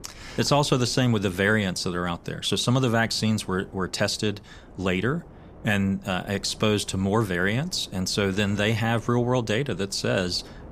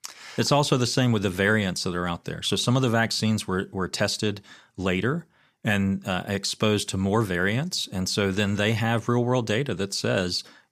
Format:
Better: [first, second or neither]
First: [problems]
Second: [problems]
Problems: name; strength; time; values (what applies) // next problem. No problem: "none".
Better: second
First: wind noise on the microphone; occasional gusts; 25 dB below the speech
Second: none